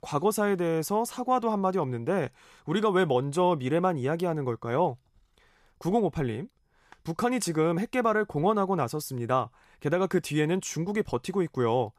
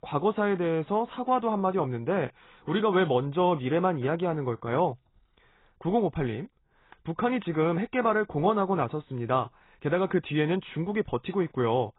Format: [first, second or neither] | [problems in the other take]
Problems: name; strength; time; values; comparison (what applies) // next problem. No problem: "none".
first | garbled, watery; badly; nothing above 3.5 kHz